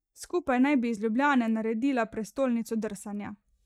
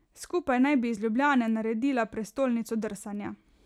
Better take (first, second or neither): second